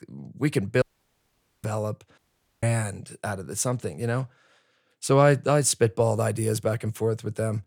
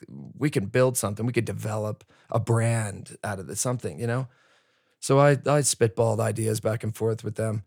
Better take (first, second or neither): second